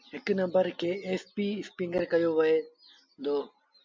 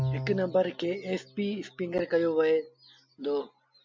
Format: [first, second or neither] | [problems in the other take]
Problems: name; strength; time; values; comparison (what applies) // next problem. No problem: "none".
first | background sound (Bowed string instrument); 10 dB below the speech